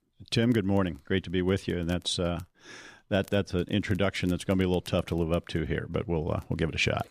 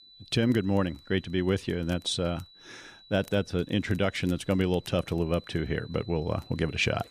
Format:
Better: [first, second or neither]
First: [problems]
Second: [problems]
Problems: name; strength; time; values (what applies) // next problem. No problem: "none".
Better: first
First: none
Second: high-pitched whine; faint; throughout; 4 kHz, 25 dB below the speech